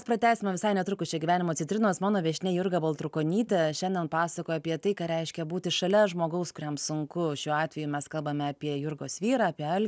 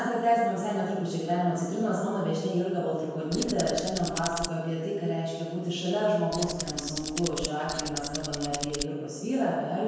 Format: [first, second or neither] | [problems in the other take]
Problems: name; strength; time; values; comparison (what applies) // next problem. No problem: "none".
first | background sound (Tools); 7 dB below the speech // room echo; dies away in 1.2 s